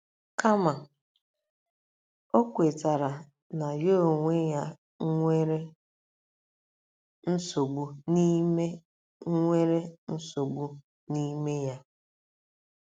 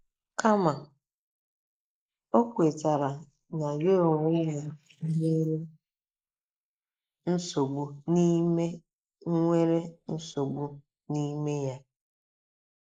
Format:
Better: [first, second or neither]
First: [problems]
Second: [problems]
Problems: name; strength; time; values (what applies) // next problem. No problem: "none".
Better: first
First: none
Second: noise reduction (neural mask model Resemble Enhance denoiser)